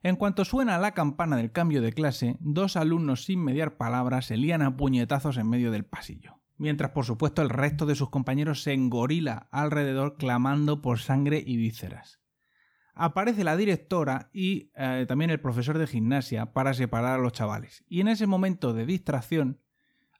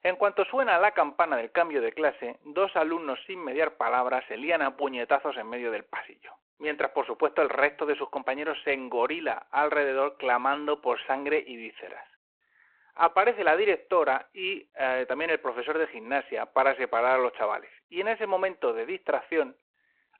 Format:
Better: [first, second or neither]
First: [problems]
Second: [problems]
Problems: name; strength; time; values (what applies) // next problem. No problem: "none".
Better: first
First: none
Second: phone-call audio